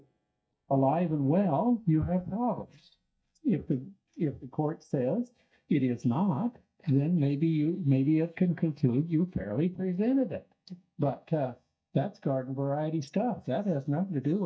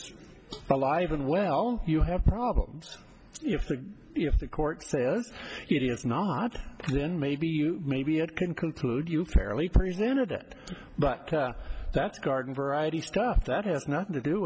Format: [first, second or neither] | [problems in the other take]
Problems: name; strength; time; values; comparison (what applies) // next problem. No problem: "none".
second | noise reduction (neural mask model DeepFilterNet 3)